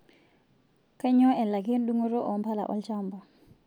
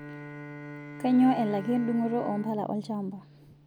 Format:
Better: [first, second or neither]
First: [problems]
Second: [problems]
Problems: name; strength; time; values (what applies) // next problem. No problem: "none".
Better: first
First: none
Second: background sound (Bowed string instrument); 13 dB below the speech